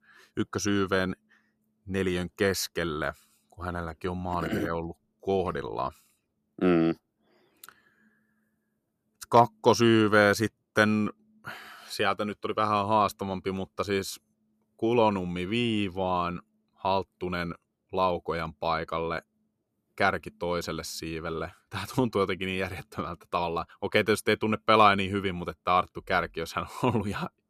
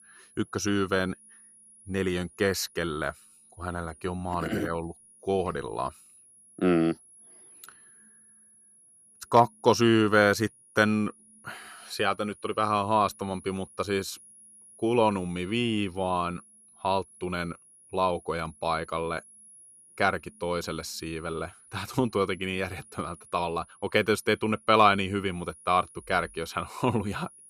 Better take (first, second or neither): first